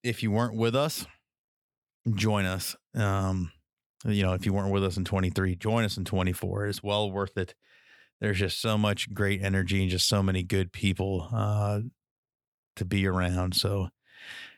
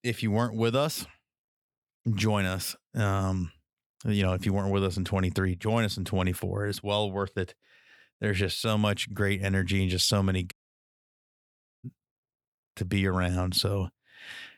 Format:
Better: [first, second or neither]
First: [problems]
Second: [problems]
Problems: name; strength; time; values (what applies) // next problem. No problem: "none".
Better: first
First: none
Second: audio cutting out; at 11 s for 1.5 s